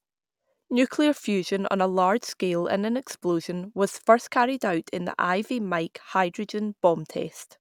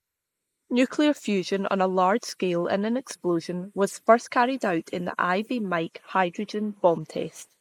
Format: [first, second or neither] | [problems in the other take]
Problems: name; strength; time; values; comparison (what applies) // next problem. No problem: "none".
first | noise reduction (neural mask model Resemble Enhance denoiser)